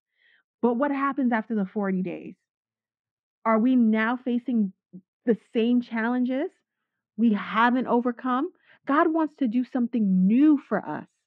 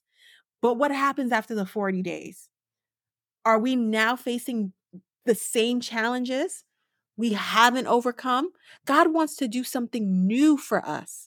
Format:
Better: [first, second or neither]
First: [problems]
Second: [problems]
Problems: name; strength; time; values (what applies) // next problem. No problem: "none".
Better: second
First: muffled; very; fading above 2.5 kHz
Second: none